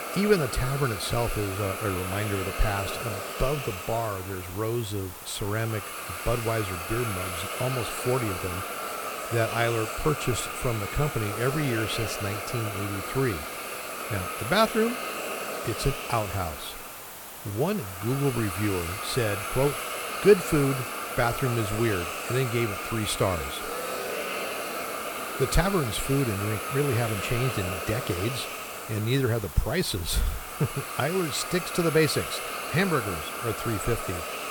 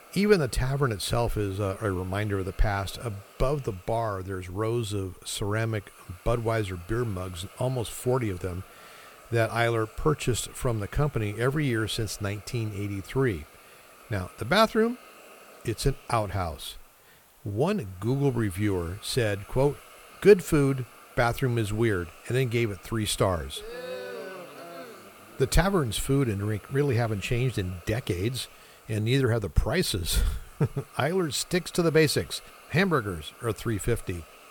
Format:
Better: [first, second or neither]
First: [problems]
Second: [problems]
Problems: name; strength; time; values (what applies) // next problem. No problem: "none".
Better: second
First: hiss; loud; throughout; 4 dB below the speech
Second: hiss; faint; throughout; 20 dB below the speech